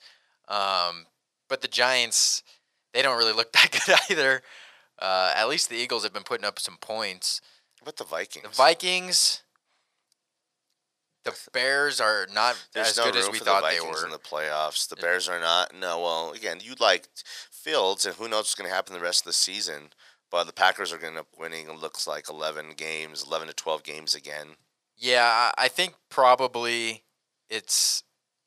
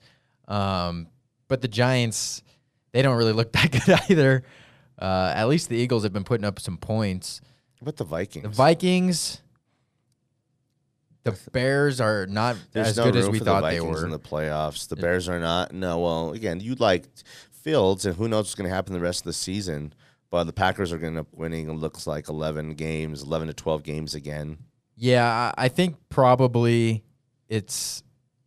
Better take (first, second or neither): second